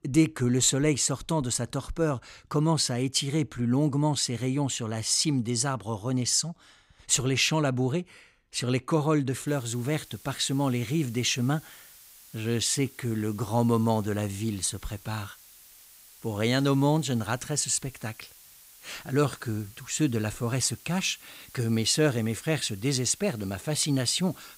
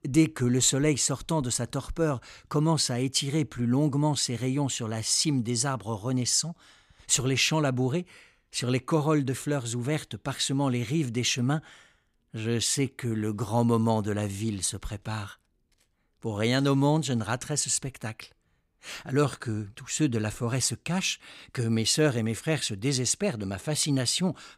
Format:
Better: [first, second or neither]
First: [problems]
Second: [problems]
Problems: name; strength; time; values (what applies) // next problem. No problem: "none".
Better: second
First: hiss; faint; from 9.5 s on; 20 dB below the speech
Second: none